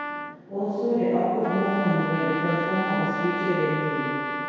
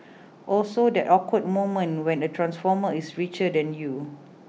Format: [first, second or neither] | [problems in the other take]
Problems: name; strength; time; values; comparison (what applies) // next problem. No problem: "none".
second | background sound (Trumpet); 5 dB below the speech // room echo; dies away in 2 s